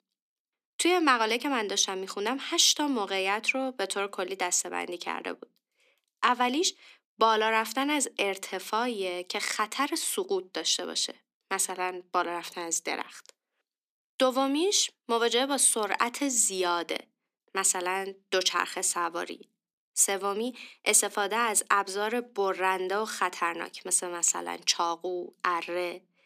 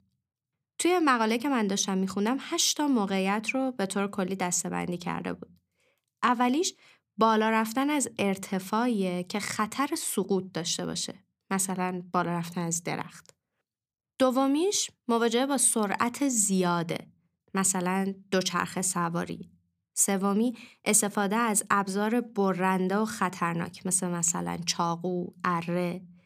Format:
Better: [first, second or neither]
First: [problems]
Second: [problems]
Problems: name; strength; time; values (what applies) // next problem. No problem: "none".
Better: second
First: thin; somewhat; fading below 300 Hz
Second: none